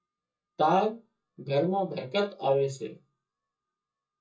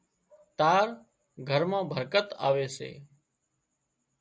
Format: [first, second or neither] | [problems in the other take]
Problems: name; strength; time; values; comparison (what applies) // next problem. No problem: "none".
second | noise reduction (neural mask model DeepFilterNet 3)